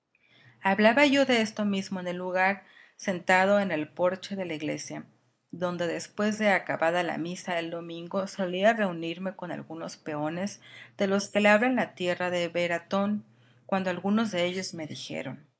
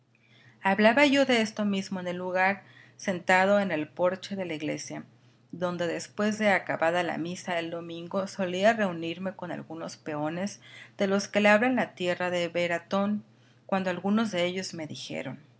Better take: second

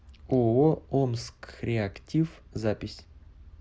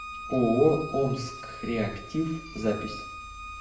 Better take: first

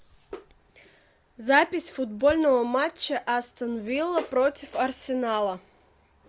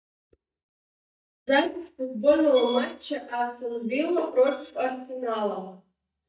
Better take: first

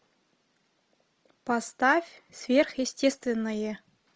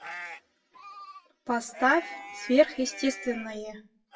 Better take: first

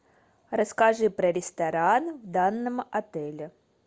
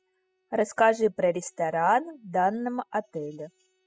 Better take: first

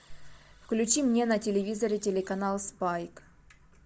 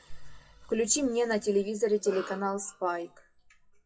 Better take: first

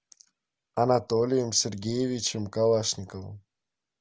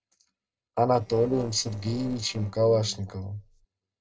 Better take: first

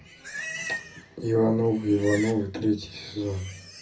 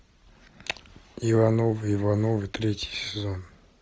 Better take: second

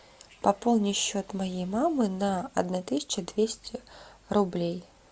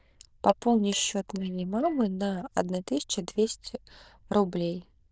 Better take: first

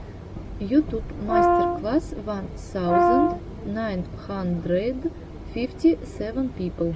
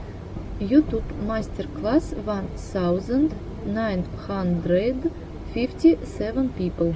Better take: second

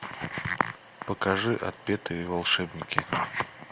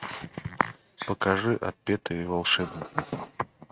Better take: first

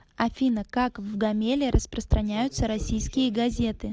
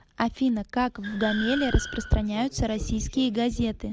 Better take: first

